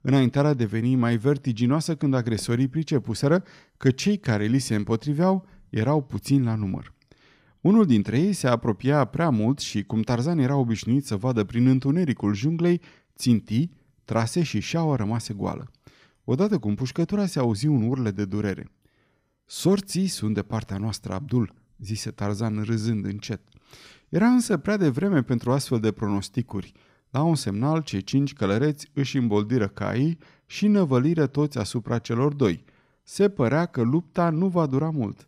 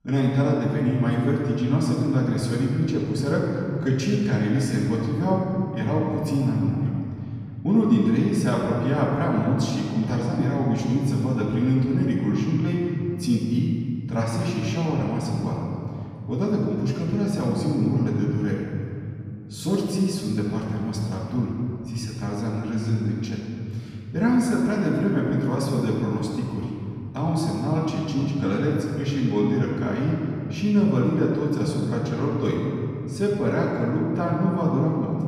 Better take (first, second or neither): first